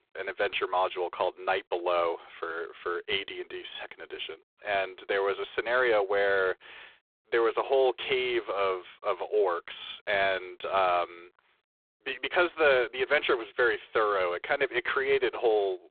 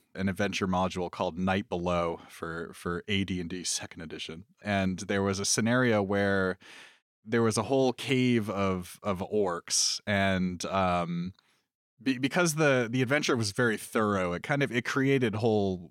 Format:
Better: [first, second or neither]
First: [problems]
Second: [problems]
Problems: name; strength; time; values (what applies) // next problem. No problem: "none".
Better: second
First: phone-call audio; poor line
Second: none